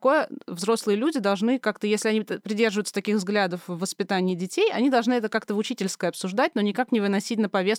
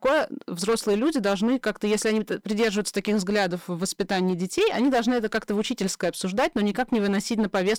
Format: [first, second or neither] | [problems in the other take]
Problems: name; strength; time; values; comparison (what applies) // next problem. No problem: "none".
first | distortion; slight; 9% of the sound clipped